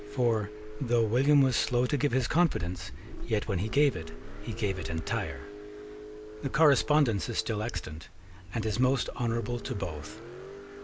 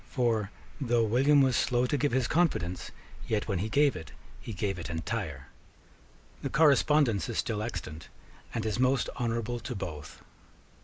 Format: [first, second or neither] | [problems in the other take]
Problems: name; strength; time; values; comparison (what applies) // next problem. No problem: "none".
second | background sound (Car); 16 dB below the speech